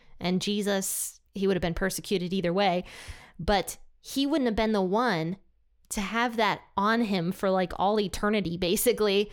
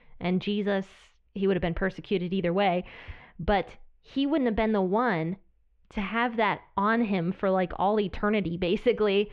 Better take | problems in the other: first | muffled; very; fading above 3 kHz

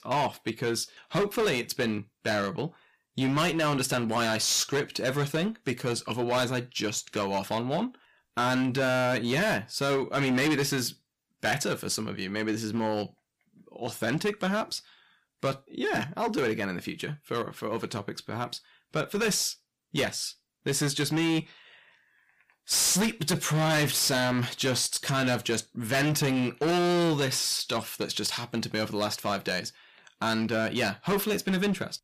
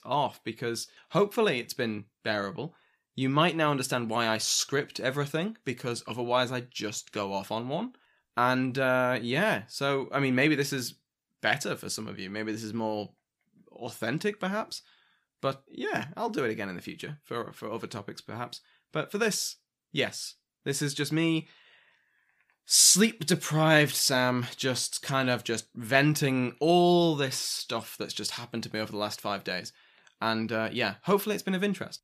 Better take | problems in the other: second | distortion; heavy; 13% of the sound clipped

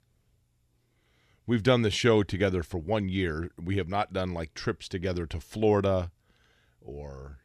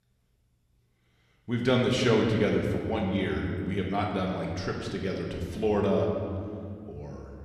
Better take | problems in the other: first | room echo; noticeable; dies away in 2.1 s // off-mic speech; somewhat distant

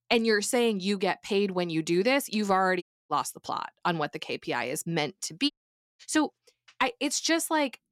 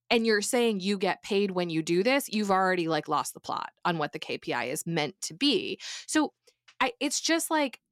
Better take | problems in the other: second | audio cutting out; at 3 s and at 5.5 s

